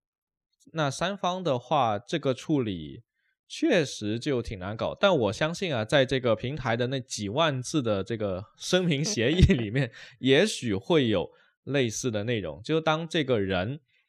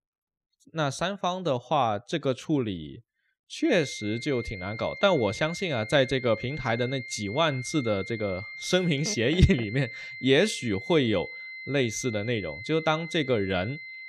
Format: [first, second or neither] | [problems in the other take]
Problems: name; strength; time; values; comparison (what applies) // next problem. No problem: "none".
first | high-pitched whine; noticeable; from 3.5 s on; 2 kHz, 10 dB below the speech